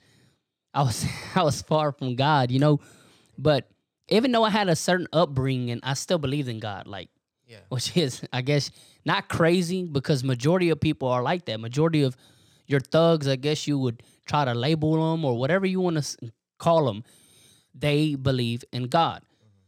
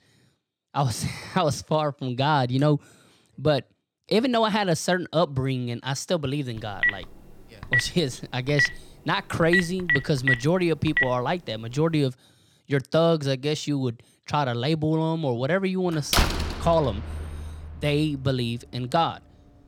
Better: first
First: none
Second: phone ringing; loud; from 6.5 to 11 s; peak 2 dB above the speech // door banging; loud; from 16 to 17 s; peak 3 dB above the speech

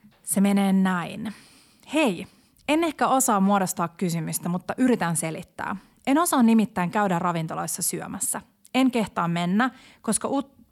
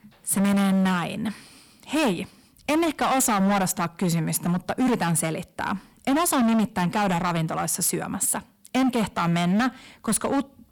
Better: first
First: none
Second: distortion; heavy; 17% of the sound clipped

